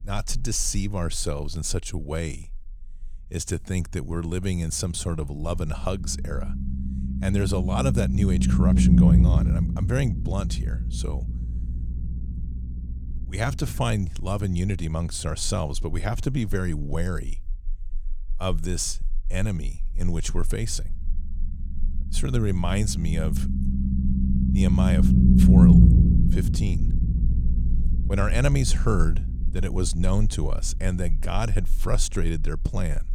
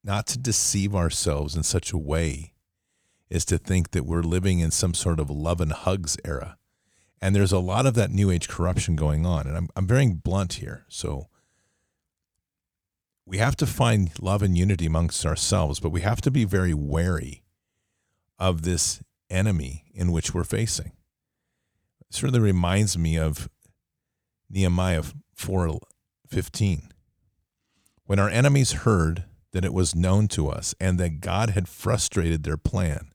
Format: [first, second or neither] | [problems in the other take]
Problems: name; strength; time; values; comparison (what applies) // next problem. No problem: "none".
second | low rumble; loud; throughout; as loud as the speech